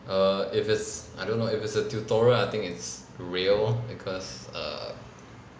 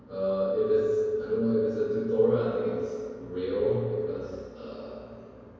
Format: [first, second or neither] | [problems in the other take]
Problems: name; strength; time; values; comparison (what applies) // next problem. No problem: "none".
first | room echo; dies away in 2.2 s